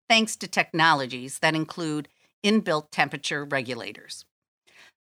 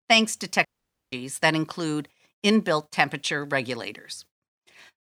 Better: first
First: none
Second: audio cutting out; at 0.5 s

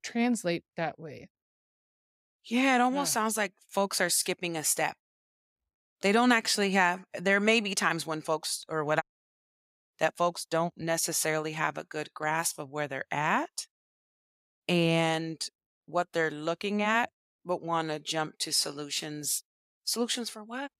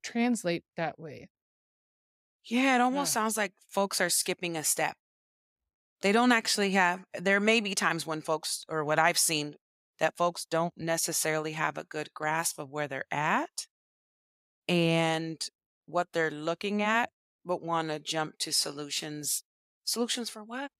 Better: second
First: audio cutting out; at 9 s for 0.5 s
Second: none

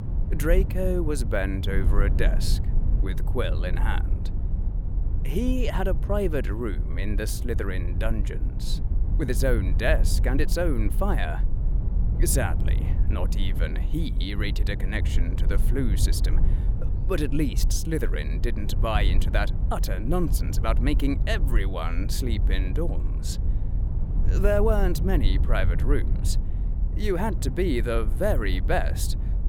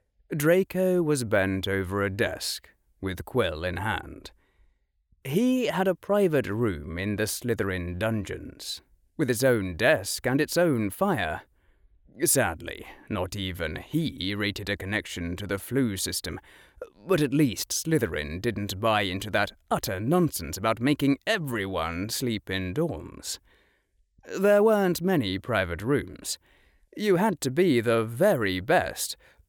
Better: second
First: low rumble; noticeable; throughout; 15 dB below the speech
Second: none

